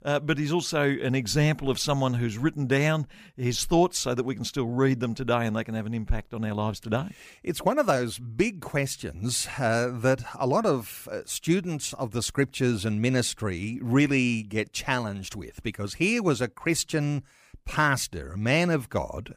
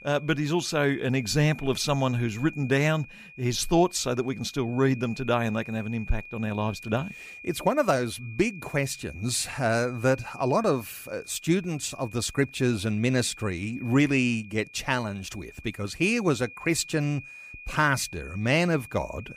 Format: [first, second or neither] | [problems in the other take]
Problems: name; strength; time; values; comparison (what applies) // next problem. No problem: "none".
first | high-pitched whine; noticeable; throughout; 2.5 kHz, 15 dB below the speech